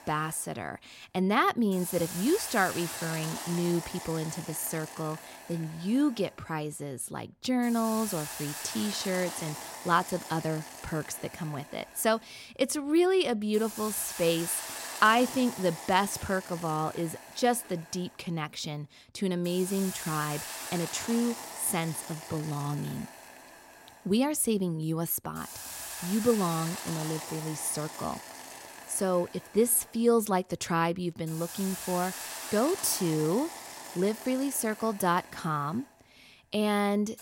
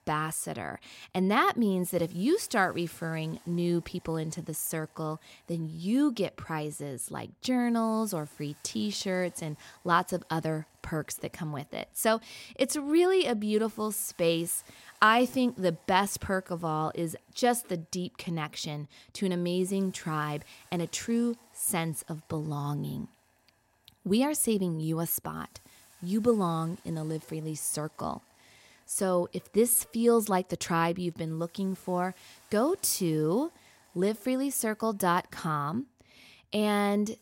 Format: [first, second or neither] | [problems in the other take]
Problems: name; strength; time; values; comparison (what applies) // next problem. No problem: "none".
second | hiss; loud; throughout; 10 dB below the speech; faint in the second